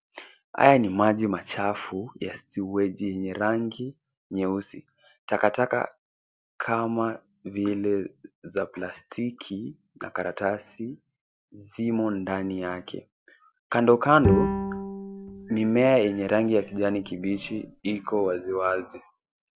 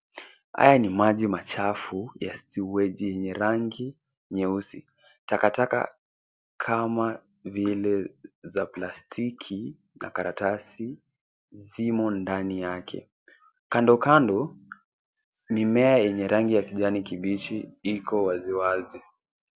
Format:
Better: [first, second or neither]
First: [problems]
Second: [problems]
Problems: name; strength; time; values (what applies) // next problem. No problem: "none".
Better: second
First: background sound (Bowed string instrument); 3 dB below the speech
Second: none